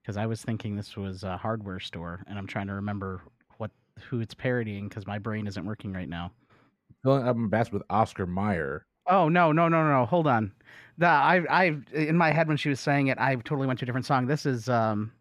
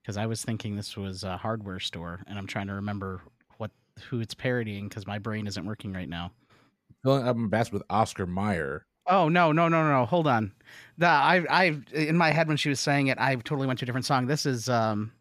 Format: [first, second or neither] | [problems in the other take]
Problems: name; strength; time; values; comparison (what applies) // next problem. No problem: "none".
second | muffled; slightly; fading above 3 kHz